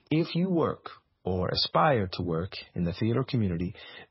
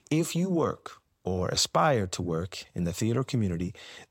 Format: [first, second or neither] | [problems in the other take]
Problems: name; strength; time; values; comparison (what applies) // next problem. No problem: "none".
second | garbled, watery; badly; nothing above 5 kHz